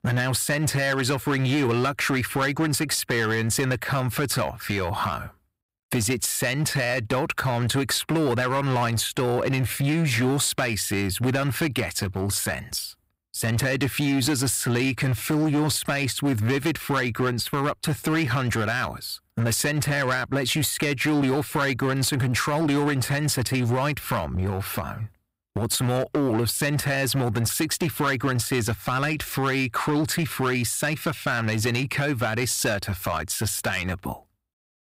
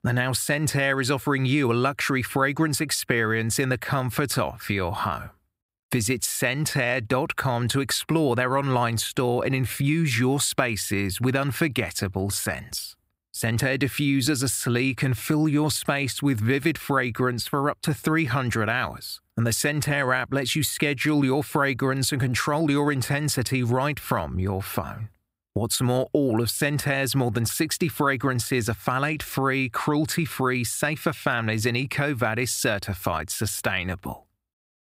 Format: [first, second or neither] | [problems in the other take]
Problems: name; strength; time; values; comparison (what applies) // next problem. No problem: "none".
second | distortion; slight; 12% of the sound clipped